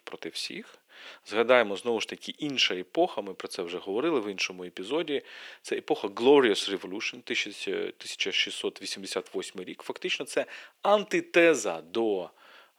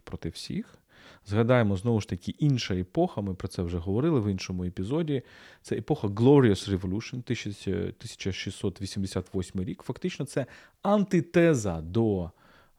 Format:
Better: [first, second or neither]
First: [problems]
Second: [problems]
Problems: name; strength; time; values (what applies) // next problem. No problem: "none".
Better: second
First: thin; somewhat; fading below 350 Hz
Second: none